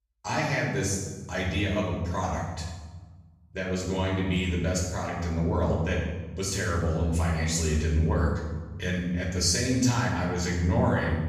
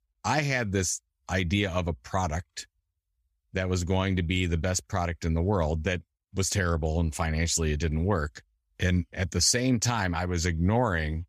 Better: second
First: room echo; noticeable; dies away in 1.1 s // off-mic speech; far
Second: none

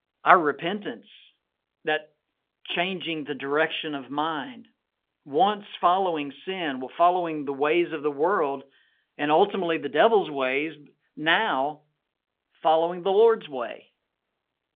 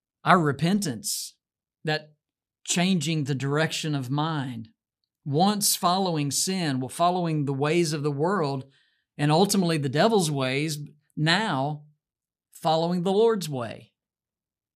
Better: second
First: phone-call audio; nothing above 3.5 kHz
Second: none

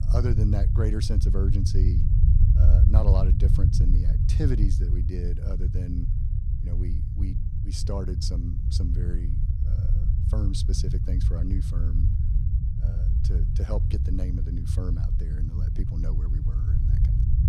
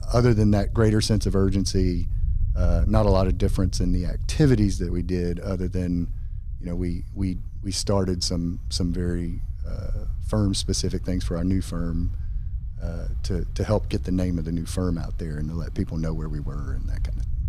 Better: second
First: low rumble; loud; throughout; 2 dB below the speech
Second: low rumble; faint; throughout; 20 dB below the speech

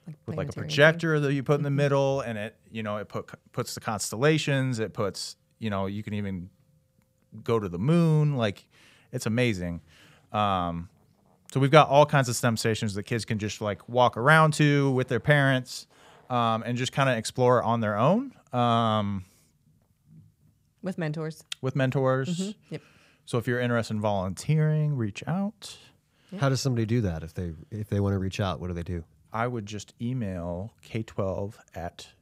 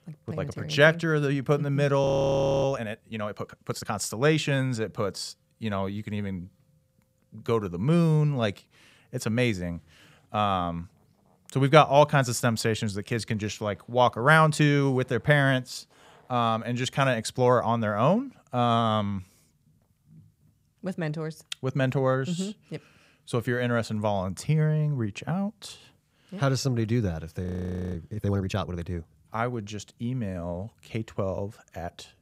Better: first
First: none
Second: audio freezing; at 2 s for 0.5 s and at 27 s

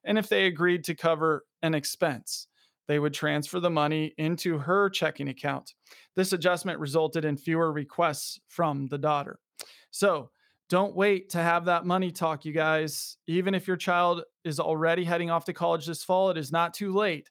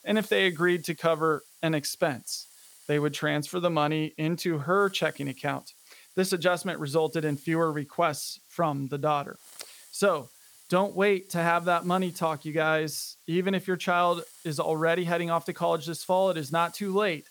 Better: first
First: none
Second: hiss; faint; throughout; 25 dB below the speech

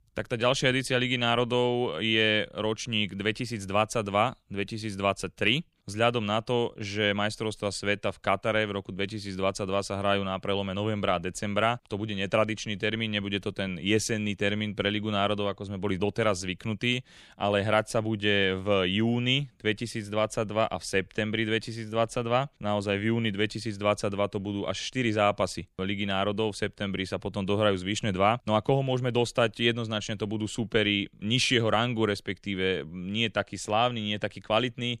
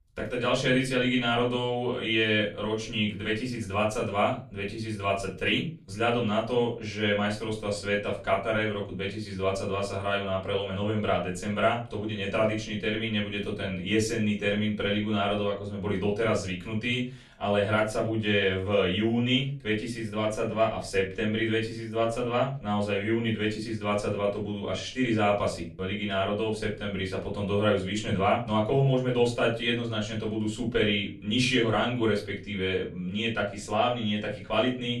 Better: first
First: none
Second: off-mic speech; far // room echo; slight; dies away in 0.3 s

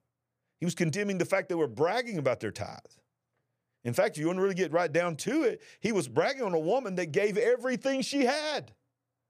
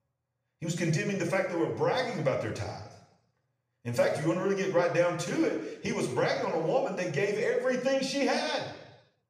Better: first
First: none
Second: room echo; noticeable; dies away in 0.8 s // off-mic speech; somewhat distant

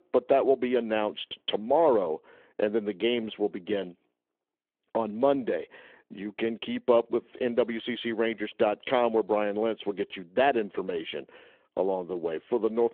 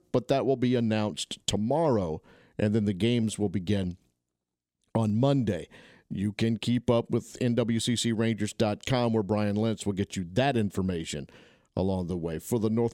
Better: second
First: phone-call audio; nothing above 3.5 kHz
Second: none

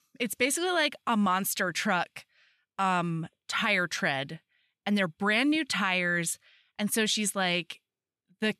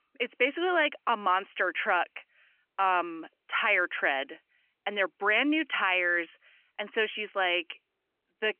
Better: first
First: none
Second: phone-call audio; nothing above 3 kHz

